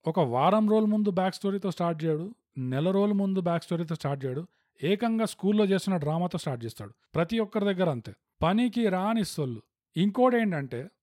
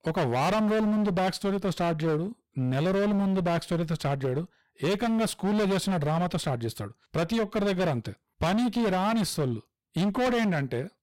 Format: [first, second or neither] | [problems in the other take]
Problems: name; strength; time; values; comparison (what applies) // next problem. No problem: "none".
first | distortion; heavy; 30% of the sound clipped